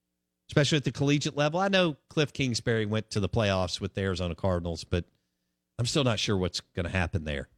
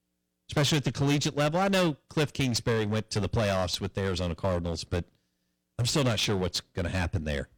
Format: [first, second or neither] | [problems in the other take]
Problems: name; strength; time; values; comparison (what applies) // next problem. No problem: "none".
first | distortion; heavy; 10% of the sound clipped